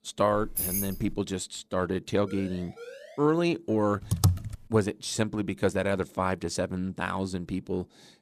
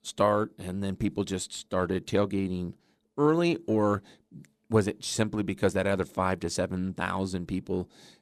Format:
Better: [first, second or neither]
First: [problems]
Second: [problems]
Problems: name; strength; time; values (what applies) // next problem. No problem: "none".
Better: second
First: jangling keys; loud; at 0.5 s; peak 1 dB above the speech // siren; faint; at 2.5 s; peak 15 dB below the speech // keyboard typing; loud; at 4 s; peak 3 dB above the speech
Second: none